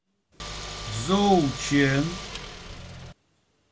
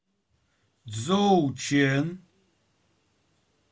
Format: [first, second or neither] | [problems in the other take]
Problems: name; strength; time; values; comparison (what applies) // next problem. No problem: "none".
second | background sound (Car); 10 dB below the speech